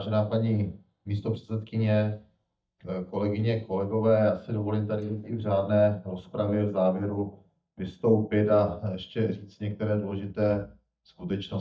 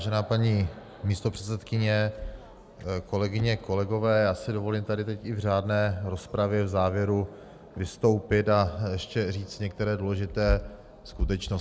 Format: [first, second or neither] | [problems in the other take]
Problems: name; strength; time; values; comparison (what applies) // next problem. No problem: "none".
second | noise reduction (neural mask model DeepFilterNet 3)